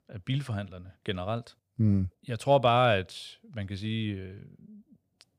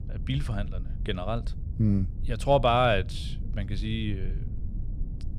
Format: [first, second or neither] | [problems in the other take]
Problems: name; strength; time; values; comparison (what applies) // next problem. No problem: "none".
first | low rumble; faint; throughout; 25 dB below the speech